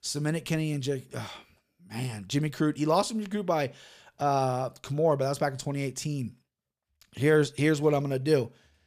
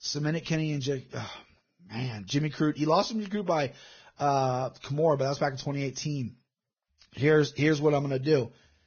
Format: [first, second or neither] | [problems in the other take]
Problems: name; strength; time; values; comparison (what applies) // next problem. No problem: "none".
first | garbled, watery; badly; nothing above 6.5 kHz